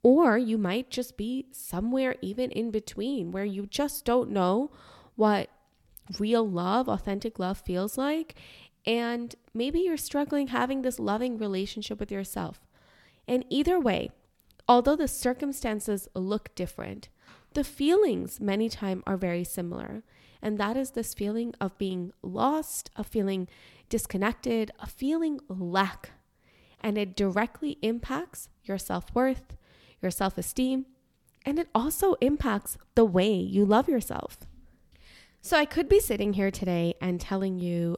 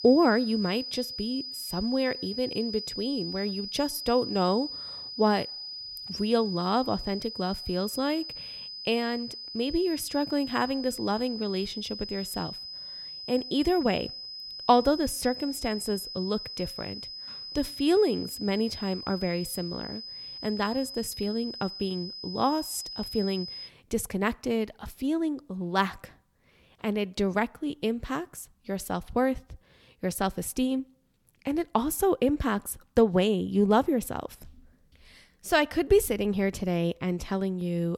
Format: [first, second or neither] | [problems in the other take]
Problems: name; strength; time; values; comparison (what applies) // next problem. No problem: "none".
first | high-pitched whine; loud; until 24 s; 5 kHz, 8 dB below the speech